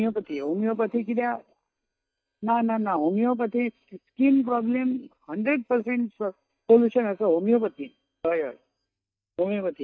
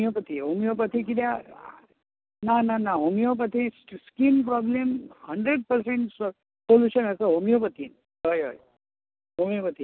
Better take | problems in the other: second | noise reduction (neural mask model DeepFilterNet 3)

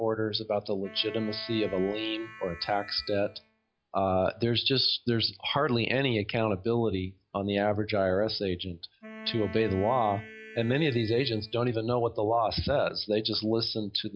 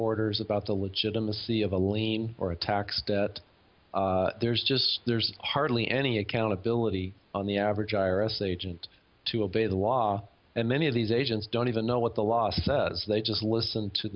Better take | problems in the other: second | noise reduction (classical method log-MMSE)

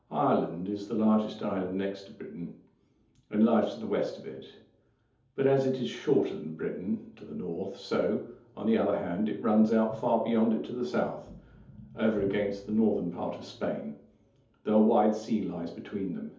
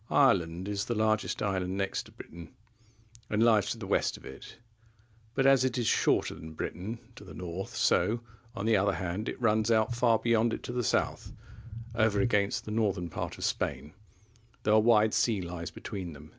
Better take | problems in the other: second | room echo; dies away in 0.6 s

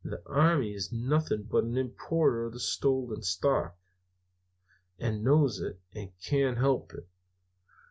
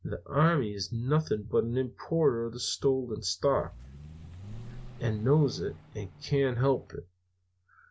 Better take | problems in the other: first | background sound (Vehicle); 16 dB below the speech

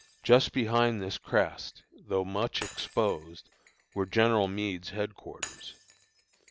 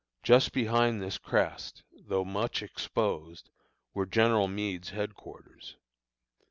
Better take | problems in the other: second | background sound (Shatter); 20 dB below the speech

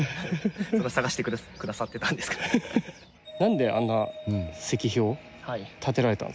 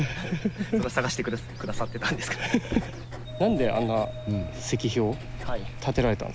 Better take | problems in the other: first | background sound (Writing); 7 dB below the speech

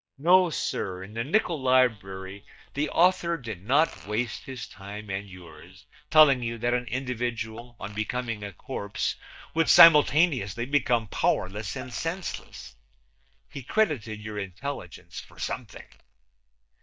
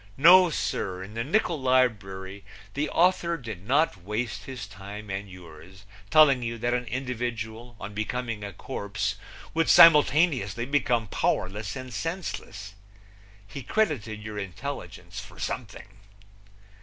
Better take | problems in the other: second | noise reduction (neural mask model DeepFilterNet 3)

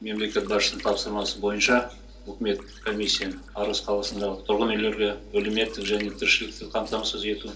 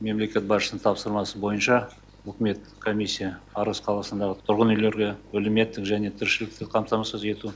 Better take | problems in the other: second | noise reduction (neural separator model SepFormer DNS4)

